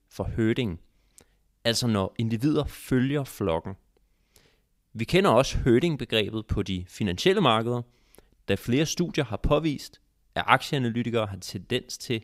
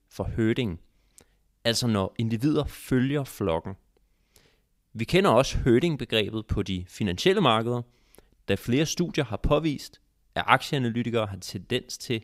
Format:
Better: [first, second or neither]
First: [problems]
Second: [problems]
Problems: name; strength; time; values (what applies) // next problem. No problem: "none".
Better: neither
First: none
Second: none